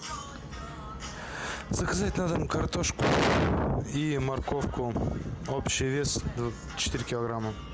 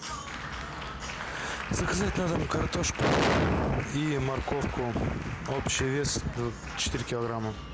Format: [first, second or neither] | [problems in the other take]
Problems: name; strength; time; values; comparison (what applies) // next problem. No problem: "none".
first | background sound (Applause); 12 dB below the speech